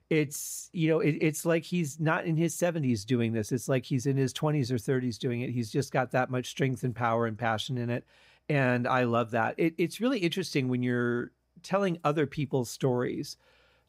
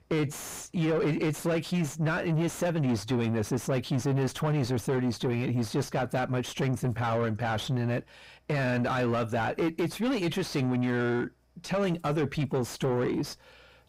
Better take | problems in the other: first | distortion; heavy; 7 dB below the speech

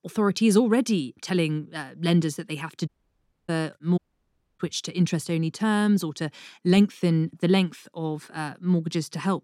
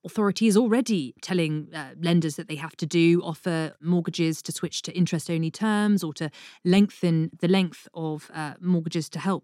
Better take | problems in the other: second | audio cutting out; at 3 s for 0.5 s and at 4 s for 0.5 s

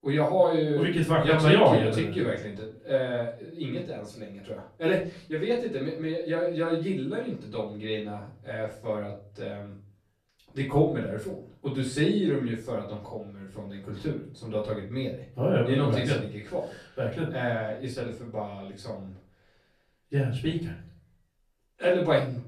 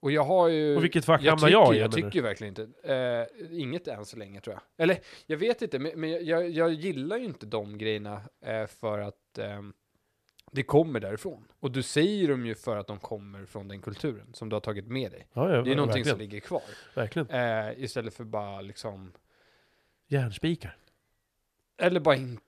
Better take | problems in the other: second | off-mic speech; far // room echo; slight; dies away in 0.4 s

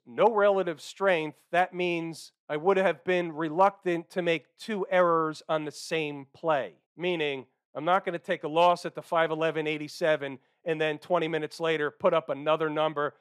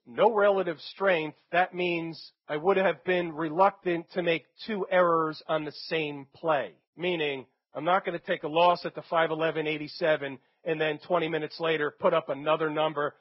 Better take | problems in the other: first | garbled, watery; badly; nothing above 5.5 kHz

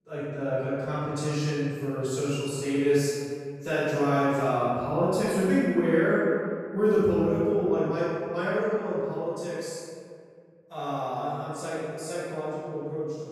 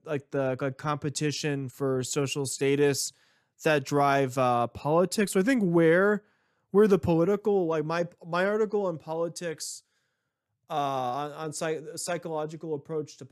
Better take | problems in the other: second | room echo; strong; dies away in 2 s // off-mic speech; far

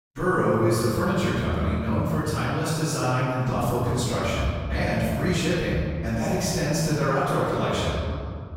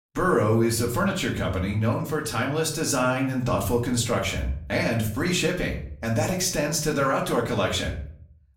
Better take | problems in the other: second | room echo; strong; dies away in 2.3 s; slight in the second // off-mic speech; far; far in the second

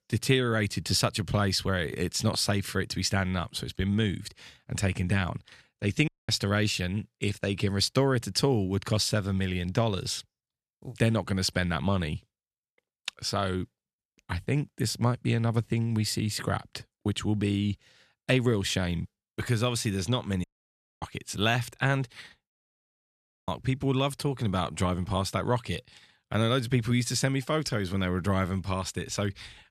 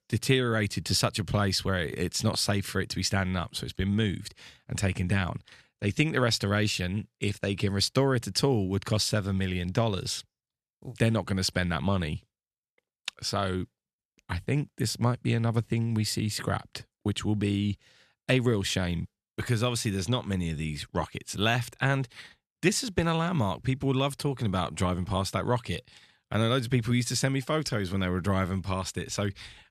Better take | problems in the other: second | audio cutting out; at 6 s, at 20 s for 0.5 s and at 23 s for 1 s

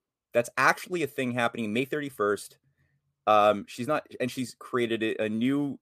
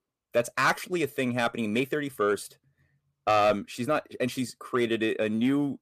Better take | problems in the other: first | distortion; slight; 10 dB below the speech

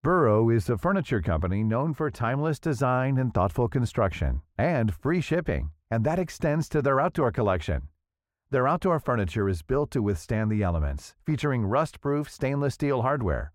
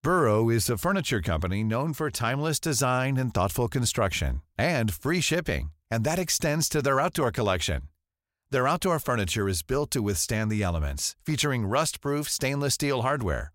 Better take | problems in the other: second | muffled; very; fading above 2.5 kHz

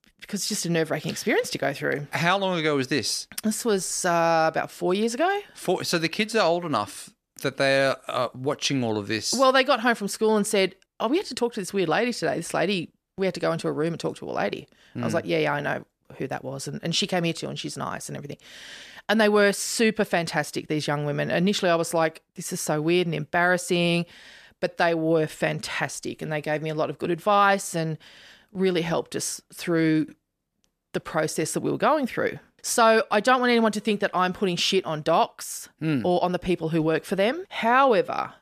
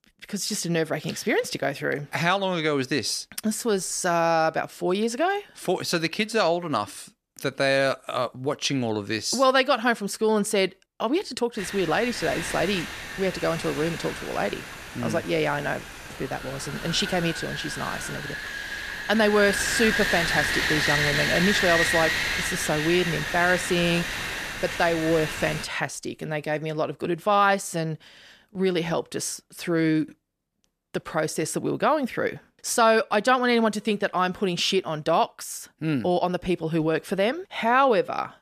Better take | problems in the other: first | wind noise on the microphone; heavy; from 12 to 26 s; 2 dB below the speech

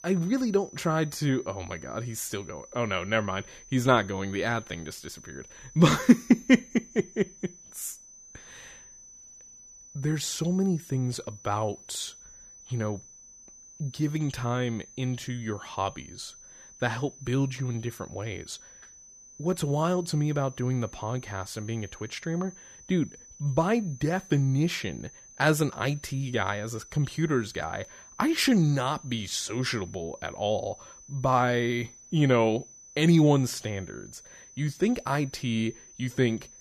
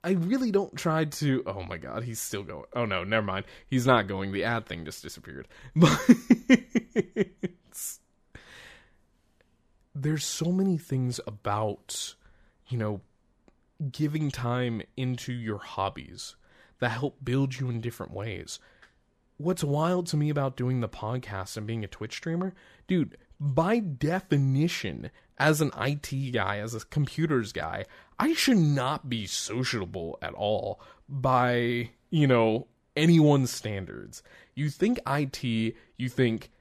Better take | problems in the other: second | high-pitched whine; noticeable; throughout; 6 kHz, 20 dB below the speech

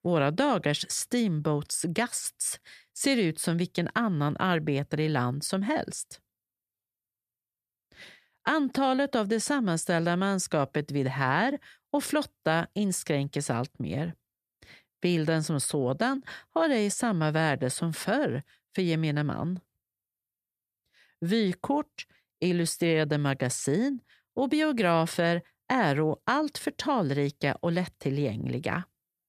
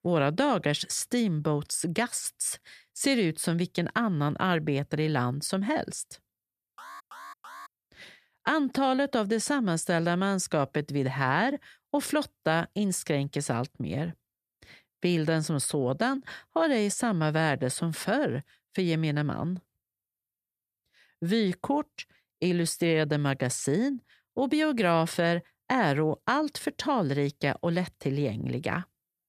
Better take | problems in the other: first | alarm; faint; at 7 s; peak 15 dB below the speech

